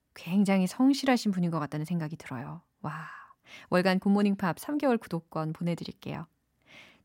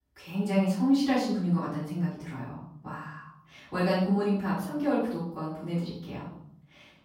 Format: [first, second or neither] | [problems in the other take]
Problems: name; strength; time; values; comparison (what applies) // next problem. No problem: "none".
first | off-mic speech; far // room echo; noticeable; dies away in 0.6 s